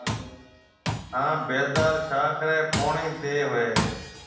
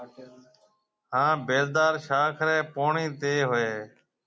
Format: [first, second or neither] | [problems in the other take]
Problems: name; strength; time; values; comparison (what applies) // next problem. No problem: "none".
second | background sound (Tools); 6 dB below the speech // room echo; dies away in 0.9 s